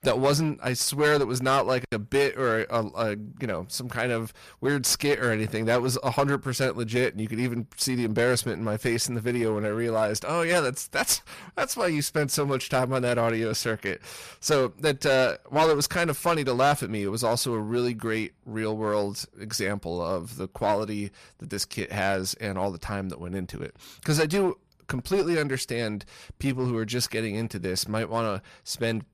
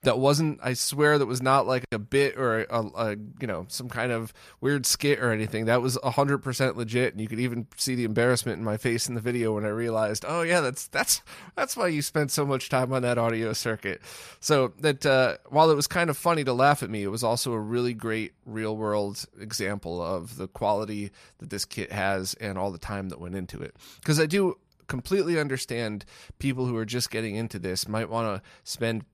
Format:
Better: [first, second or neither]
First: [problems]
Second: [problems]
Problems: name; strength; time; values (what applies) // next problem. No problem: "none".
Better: second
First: distortion; slight; 5% of the sound clipped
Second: none